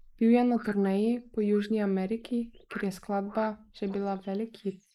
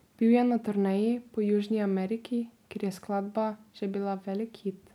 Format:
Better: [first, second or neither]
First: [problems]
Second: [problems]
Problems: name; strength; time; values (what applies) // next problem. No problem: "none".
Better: second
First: noise reduction (neural mask model Resemble Enhance denoiser)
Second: none